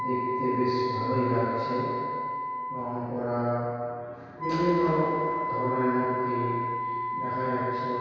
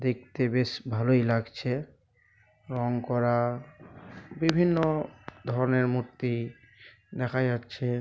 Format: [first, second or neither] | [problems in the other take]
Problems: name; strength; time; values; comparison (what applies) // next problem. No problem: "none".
second | background sound (Wind instrument, woodwind instrument); 2 dB below the speech // room echo; dies away in 2.2 s